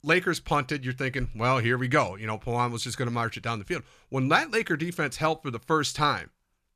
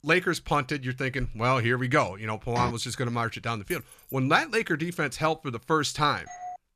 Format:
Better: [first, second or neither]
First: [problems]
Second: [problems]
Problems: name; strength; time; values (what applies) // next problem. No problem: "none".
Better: first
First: none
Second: door banging; noticeable; at 2.5 s; peak 7 dB below the speech // jangling keys; faint; at 3.5 s; peak 15 dB below the speech // doorbell; faint; at 6.5 s; peak 15 dB below the speech